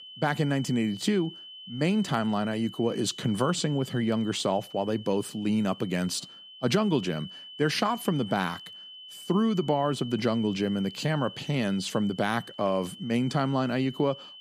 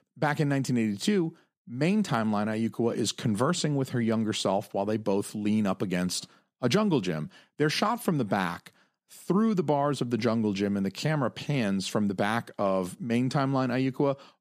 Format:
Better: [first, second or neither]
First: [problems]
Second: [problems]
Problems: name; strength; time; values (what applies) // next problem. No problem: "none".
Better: second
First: high-pitched whine; noticeable; throughout; 3 kHz, 15 dB below the speech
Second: none